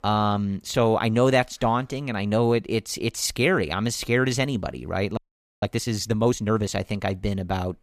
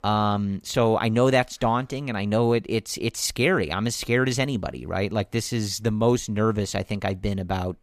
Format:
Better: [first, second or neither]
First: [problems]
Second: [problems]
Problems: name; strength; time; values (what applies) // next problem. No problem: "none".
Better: second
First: audio freezing; at 5 s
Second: none